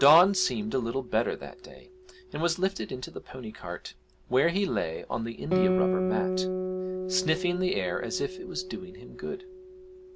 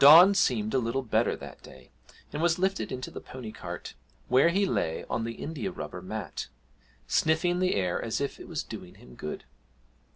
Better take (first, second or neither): second